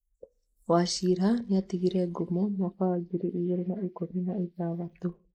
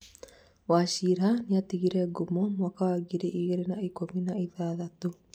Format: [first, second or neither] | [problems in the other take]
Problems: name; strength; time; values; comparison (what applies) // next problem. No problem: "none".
second | noise reduction (neural mask model Resemble Enhance denoiser)